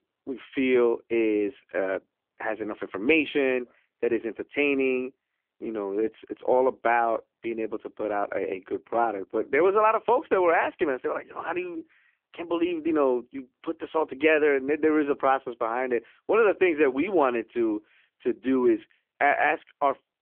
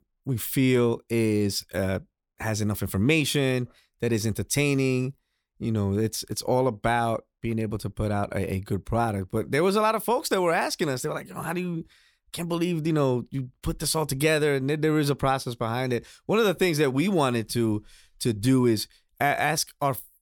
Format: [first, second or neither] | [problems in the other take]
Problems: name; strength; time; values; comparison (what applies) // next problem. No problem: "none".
second | phone-call audio; poor line